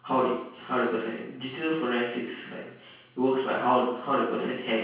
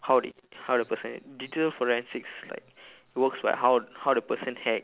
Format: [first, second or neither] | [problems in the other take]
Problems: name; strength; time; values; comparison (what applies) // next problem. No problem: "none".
second | room echo; dies away in 0.6 s